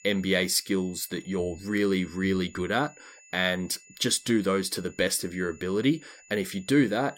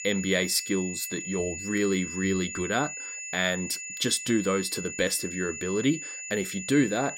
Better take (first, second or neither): first